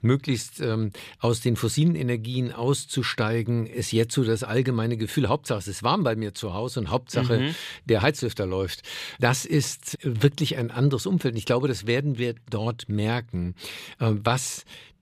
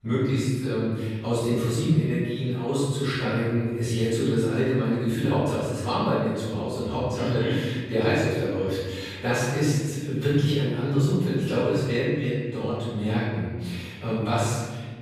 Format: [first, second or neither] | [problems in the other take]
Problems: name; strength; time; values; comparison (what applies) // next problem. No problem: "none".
first | off-mic speech; far // room echo; strong; dies away in 1.5 s